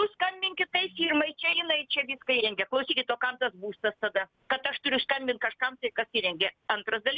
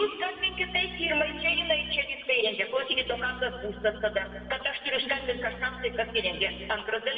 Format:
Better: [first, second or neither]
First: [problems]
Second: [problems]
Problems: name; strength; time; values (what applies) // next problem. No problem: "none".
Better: first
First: none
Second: background sound (Bowed string instrument); 15 dB below the speech // room echo; dies away in 1.4 s